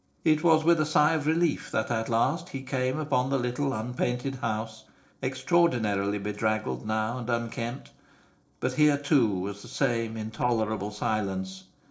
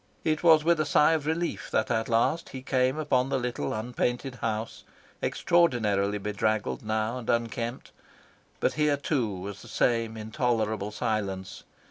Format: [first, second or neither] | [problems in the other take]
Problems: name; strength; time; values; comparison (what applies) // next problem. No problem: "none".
second | noise reduction (neural separator model SepFormer DNS4)